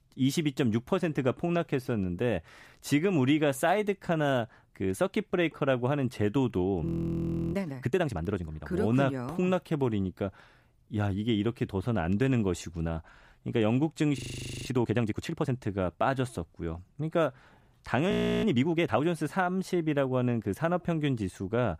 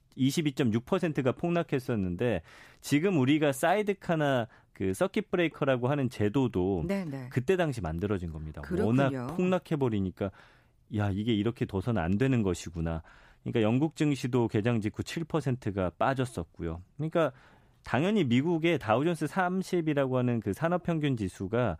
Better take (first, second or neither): second